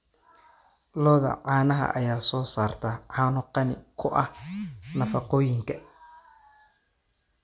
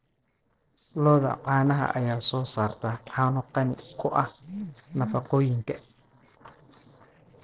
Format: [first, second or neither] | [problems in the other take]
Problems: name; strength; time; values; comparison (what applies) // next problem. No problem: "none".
first | noise reduction (neural separator model SepFormer DNS4)